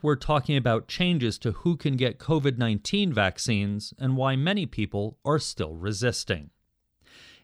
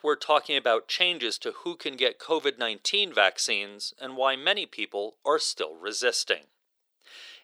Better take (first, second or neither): first